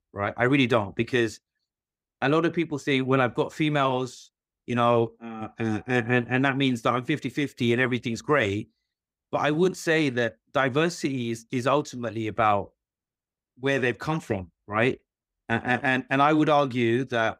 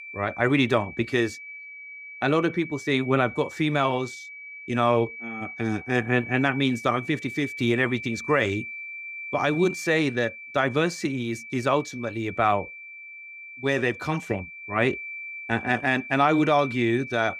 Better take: first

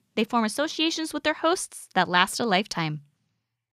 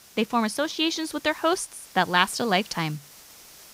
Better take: first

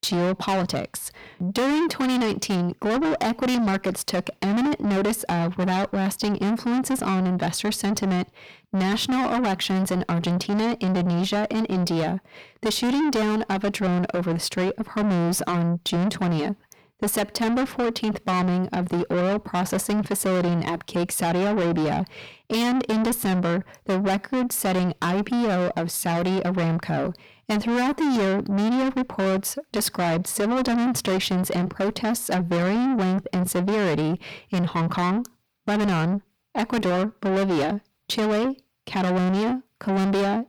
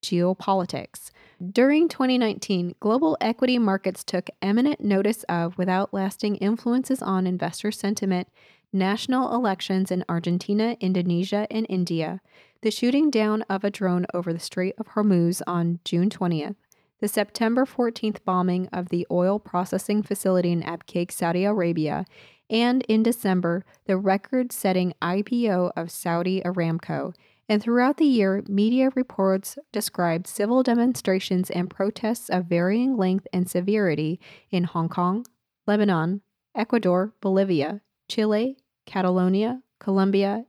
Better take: second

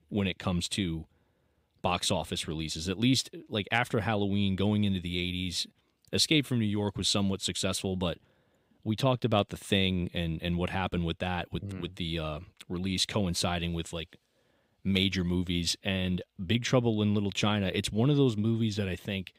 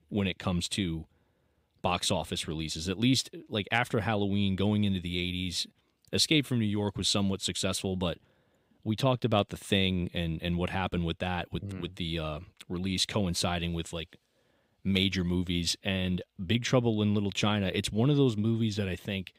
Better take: neither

